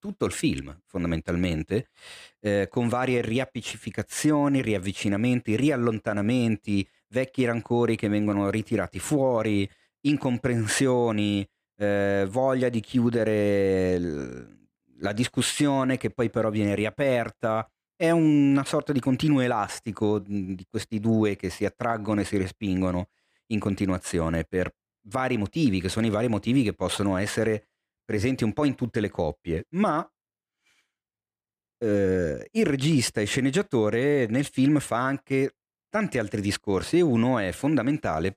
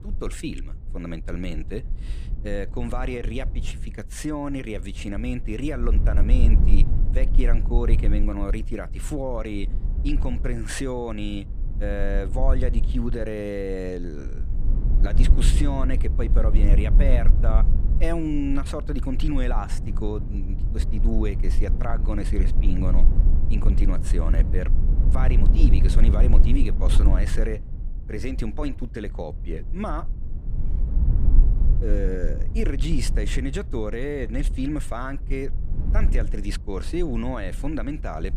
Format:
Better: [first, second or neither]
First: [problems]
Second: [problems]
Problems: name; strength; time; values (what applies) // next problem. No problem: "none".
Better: first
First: none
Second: low rumble; loud; throughout; 10 dB below the speech